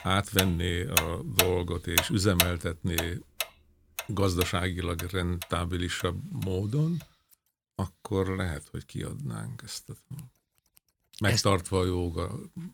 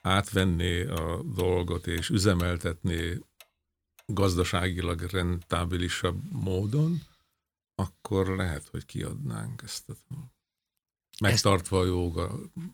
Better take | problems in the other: second | household noises; loud; throughout; 1 dB below the speech; faint in the second

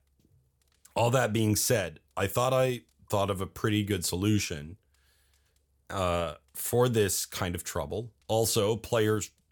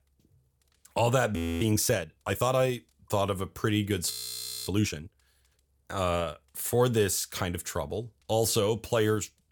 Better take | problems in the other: first | audio freezing; at 1.5 s and at 4 s for 0.5 s

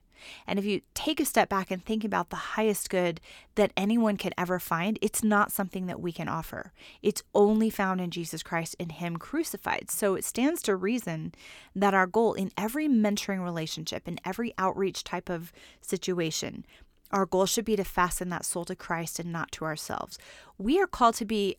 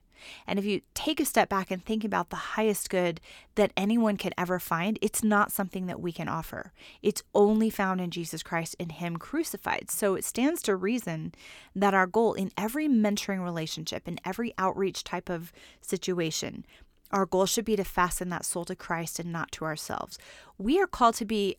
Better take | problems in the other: neither | none

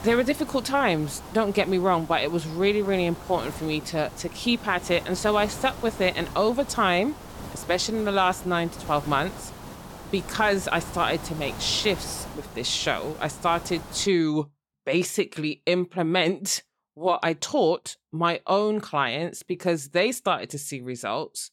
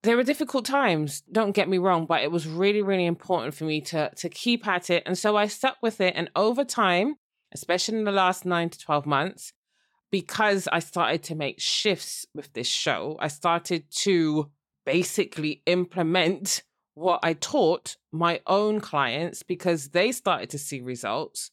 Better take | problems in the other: second | hiss; noticeable; until 14 s; 15 dB below the speech

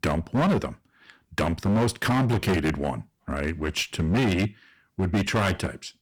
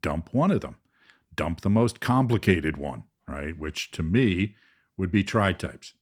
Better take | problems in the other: second | distortion; heavy; 15% of the sound clipped

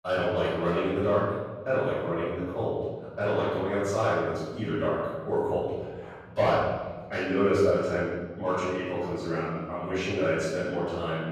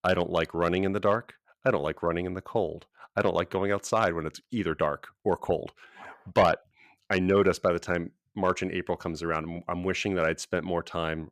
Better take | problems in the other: second | off-mic speech; far // room echo; strong; dies away in 1.3 s

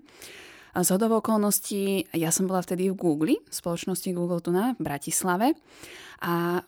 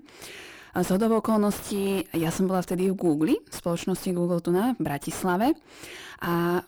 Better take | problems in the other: first | distortion; slight; 9 dB below the speech

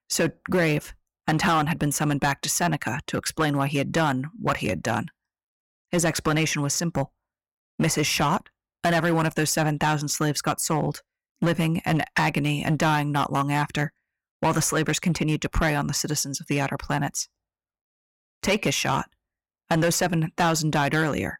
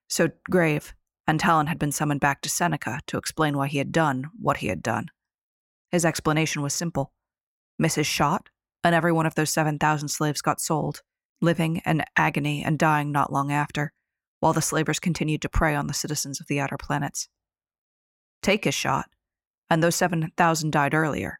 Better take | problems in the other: second | distortion; slight; 7% of the sound clipped

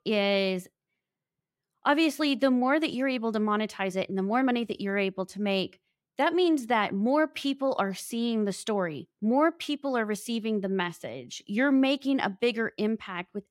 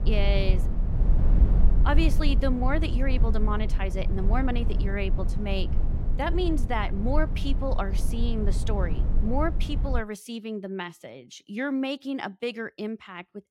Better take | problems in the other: first | low rumble; noticeable; until 10 s; 10 dB below the speech

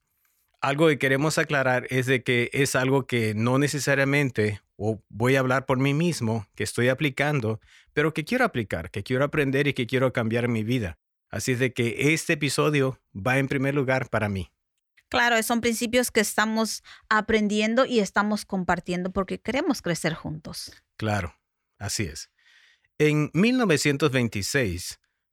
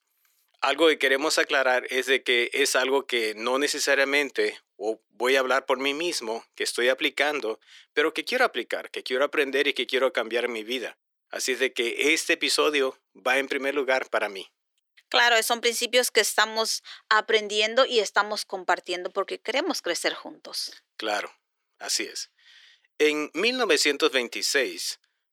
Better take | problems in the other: first | thin; somewhat; fading below 350 Hz

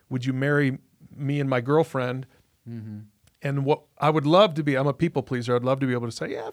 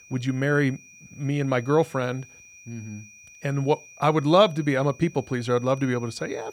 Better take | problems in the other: first | high-pitched whine; faint; throughout; 2.5 kHz, 25 dB below the speech

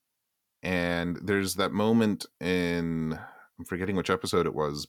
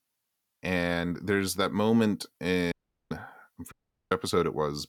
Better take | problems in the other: first | audio cutting out; at 2.5 s and at 3.5 s

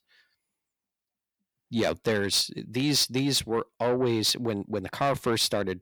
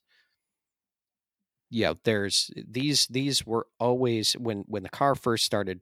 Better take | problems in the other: second | distortion; slight; 10 dB below the speech

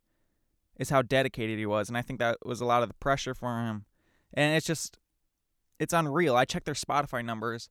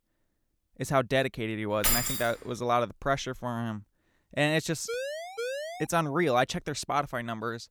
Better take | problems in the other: first | jangling keys; loud; at 2 s; peak 5 dB above the speech // siren; noticeable; at 5 s; peak 5 dB below the speech

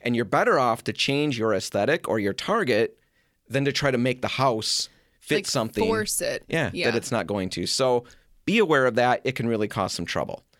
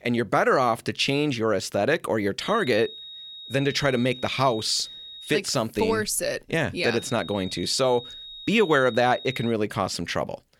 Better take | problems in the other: first | high-pitched whine; noticeable; from 2.5 to 5.5 s and from 7 to 9.5 s; 4 kHz, 15 dB below the speech

